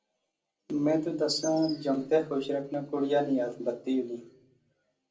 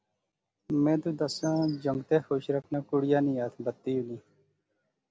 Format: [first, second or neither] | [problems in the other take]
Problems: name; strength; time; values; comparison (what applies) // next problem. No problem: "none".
second | room echo; dies away in 0.2 s